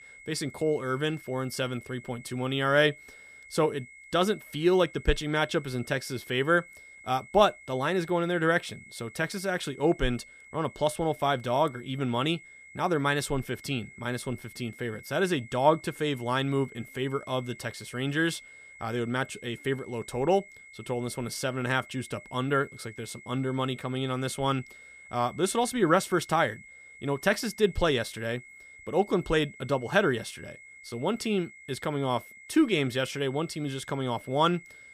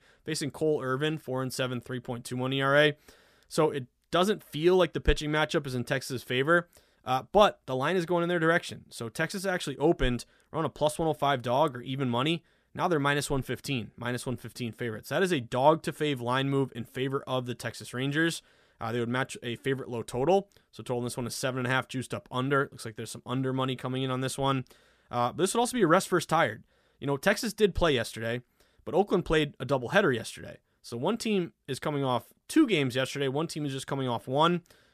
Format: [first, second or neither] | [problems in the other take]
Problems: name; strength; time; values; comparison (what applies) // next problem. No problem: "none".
second | high-pitched whine; noticeable; throughout; 2 kHz, 20 dB below the speech